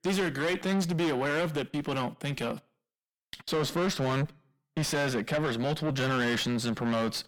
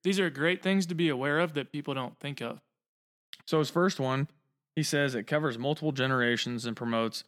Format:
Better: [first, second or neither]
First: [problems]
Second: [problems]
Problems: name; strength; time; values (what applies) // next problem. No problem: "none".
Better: second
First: distortion; heavy; 5 dB below the speech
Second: none